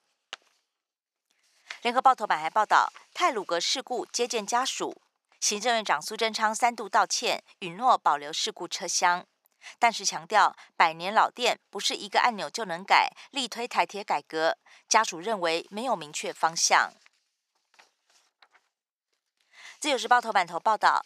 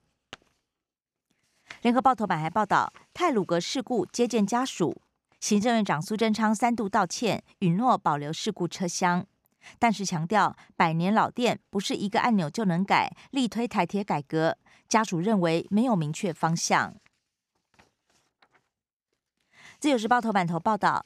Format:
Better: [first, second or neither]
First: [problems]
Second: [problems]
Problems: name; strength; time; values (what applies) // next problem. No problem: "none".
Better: second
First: thin; very; fading below 600 Hz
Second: none